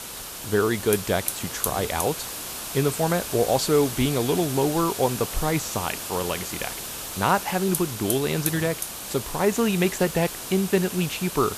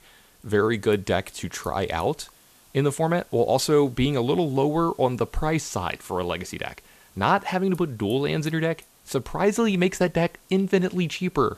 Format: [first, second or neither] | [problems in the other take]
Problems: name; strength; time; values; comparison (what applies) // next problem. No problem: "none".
second | hiss; loud; throughout; 6 dB below the speech; faint in the second